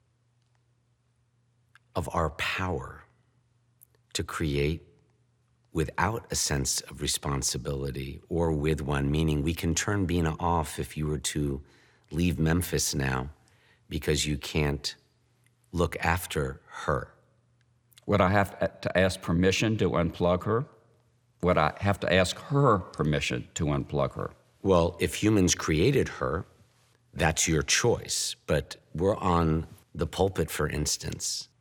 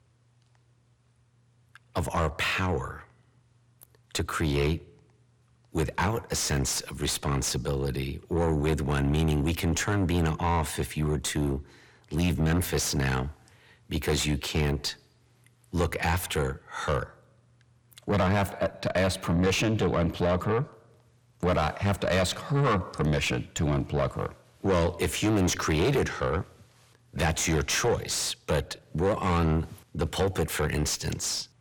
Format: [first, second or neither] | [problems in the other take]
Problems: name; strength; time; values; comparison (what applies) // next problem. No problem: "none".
first | distortion; heavy; 7 dB below the speech